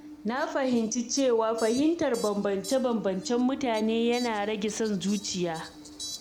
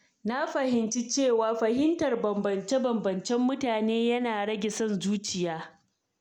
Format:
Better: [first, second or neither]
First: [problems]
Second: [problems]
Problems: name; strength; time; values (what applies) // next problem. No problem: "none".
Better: second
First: background sound (Fowl + Train); 15 dB below the speech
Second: none